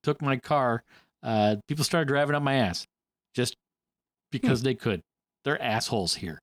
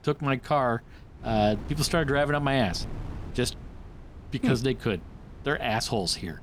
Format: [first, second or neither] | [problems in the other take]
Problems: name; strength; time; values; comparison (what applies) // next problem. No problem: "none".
first | wind noise on the microphone; occasional gusts; 20 dB below the speech